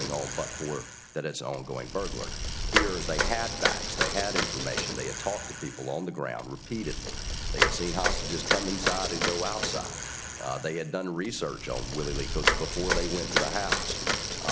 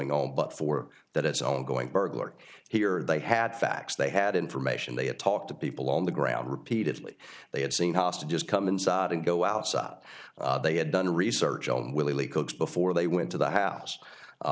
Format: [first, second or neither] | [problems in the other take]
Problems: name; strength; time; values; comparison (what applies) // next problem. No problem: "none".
second | background sound (Bicycle); 3 dB above the speech